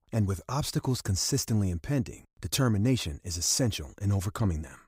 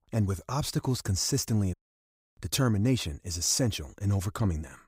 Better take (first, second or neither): first